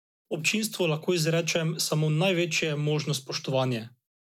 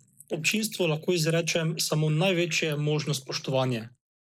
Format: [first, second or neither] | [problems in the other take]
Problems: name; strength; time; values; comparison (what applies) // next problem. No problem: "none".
first | noise reduction (neural mask model Resemble Enhance denoiser)